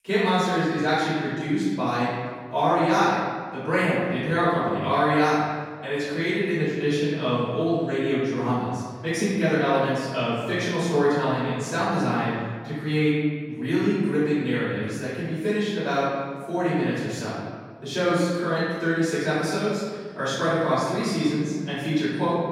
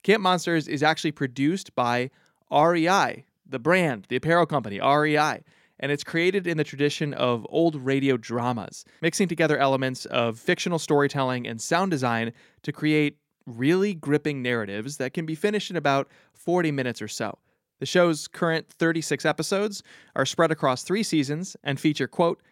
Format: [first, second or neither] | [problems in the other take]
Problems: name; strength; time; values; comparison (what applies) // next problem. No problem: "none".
second | off-mic speech; far // room echo; strong; dies away in 1.6 s